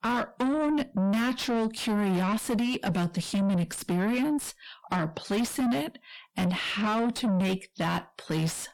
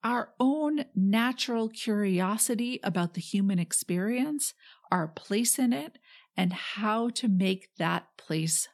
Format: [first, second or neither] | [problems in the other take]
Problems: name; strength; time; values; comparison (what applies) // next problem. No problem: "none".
second | distortion; heavy; 6 dB below the speech